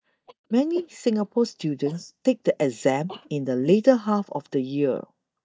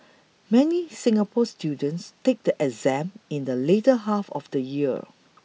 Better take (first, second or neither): second